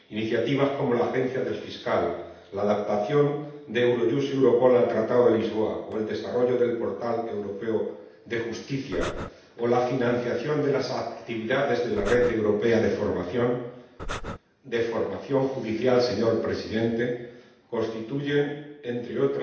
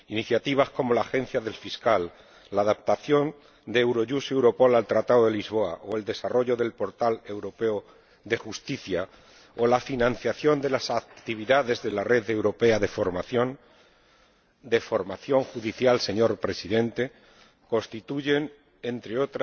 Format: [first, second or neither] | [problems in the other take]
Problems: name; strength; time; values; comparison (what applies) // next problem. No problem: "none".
second | background sound (Breathing); 7 dB below the speech // room echo; dies away in 0.8 s